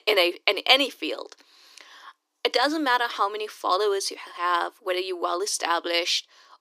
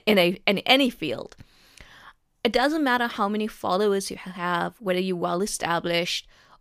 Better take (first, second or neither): second